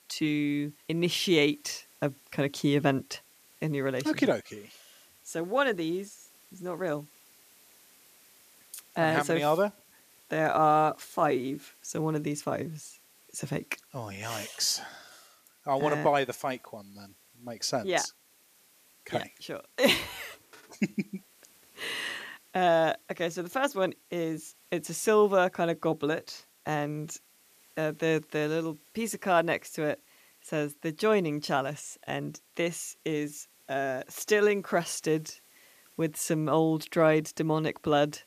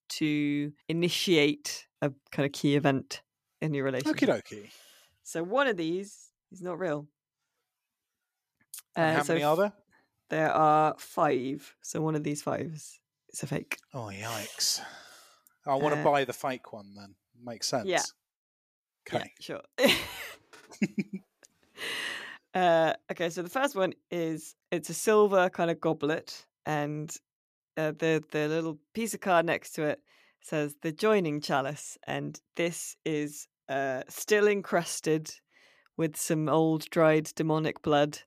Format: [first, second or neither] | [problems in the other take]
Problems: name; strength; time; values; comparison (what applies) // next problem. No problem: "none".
second | hiss; faint; throughout; 30 dB below the speech